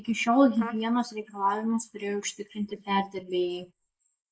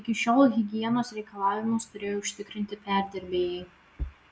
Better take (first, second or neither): second